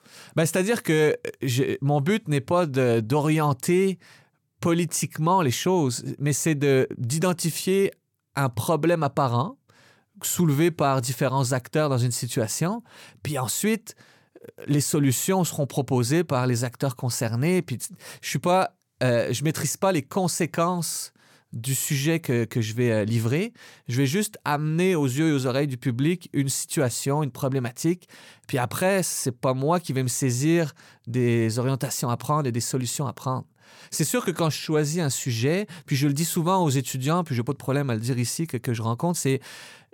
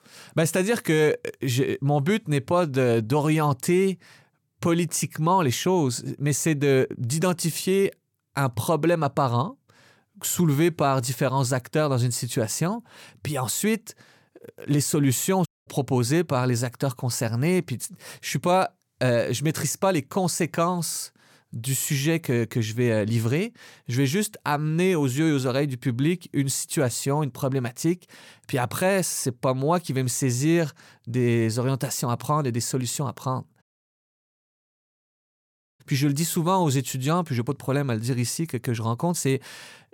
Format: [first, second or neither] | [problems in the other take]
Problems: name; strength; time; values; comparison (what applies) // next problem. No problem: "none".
first | audio cutting out; at 15 s and at 34 s for 2 s